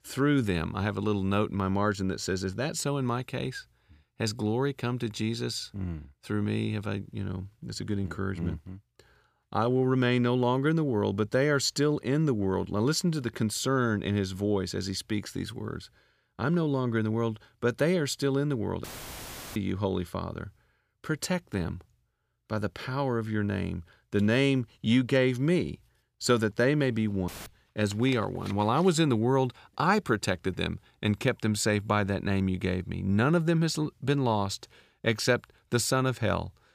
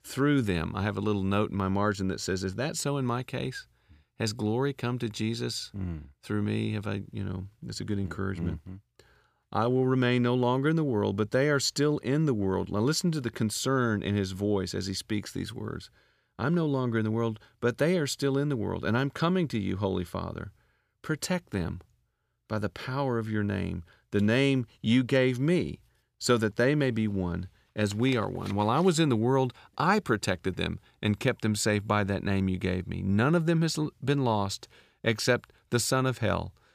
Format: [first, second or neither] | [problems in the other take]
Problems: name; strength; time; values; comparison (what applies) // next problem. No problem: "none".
second | audio cutting out; filled with static; at 19 s for 0.5 s and at 27 s